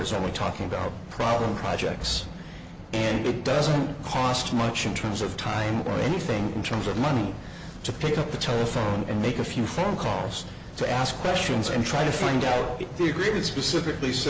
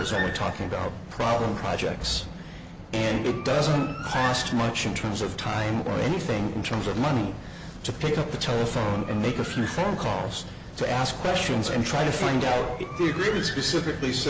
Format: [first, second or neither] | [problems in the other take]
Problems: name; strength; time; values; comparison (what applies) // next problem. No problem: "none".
first | background sound (Bird); 16 dB below the speech